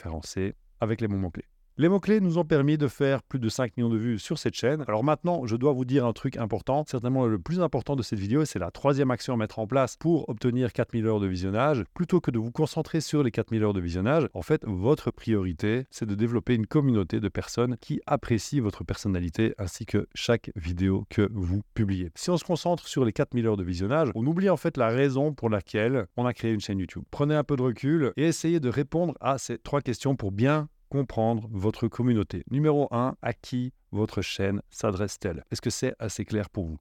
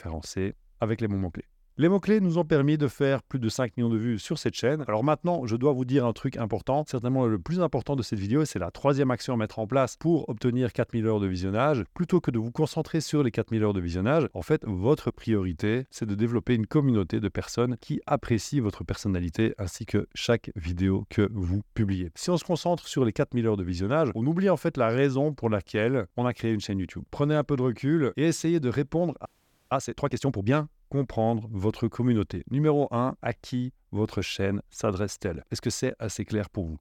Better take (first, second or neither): first